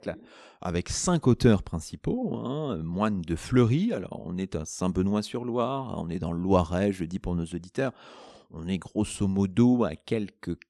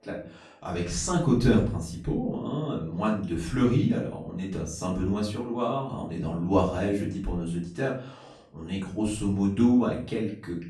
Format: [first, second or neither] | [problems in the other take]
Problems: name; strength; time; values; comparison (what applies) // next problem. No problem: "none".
first | room echo; slight; dies away in 0.4 s // off-mic speech; far